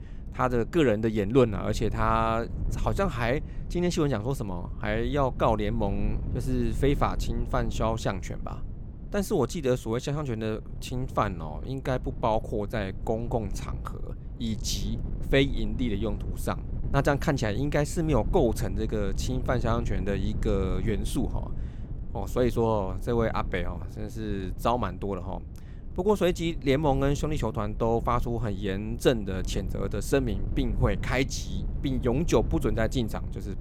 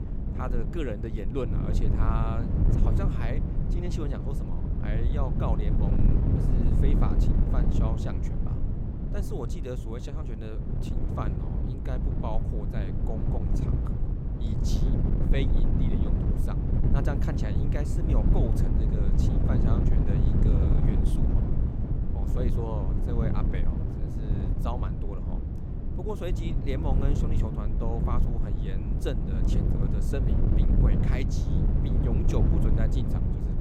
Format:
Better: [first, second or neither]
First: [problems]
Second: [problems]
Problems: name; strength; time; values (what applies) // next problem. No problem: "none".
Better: first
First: wind noise on the microphone; occasional gusts; 20 dB below the speech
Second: wind noise on the microphone; heavy; 1 dB above the speech